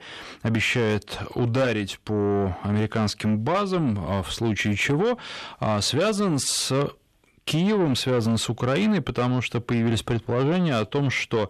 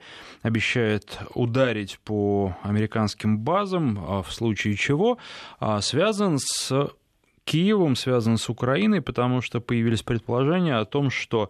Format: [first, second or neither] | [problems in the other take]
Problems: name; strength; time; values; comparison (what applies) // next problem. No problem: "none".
second | distortion; slight; 10 dB below the speech